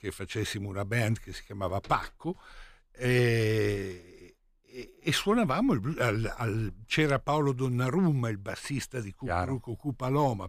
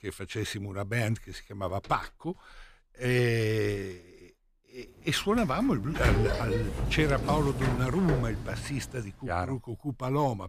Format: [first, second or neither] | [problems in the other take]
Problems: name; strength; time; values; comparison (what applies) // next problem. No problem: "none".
first | door banging; loud; from 5.5 to 8.5 s; peak 2 dB above the speech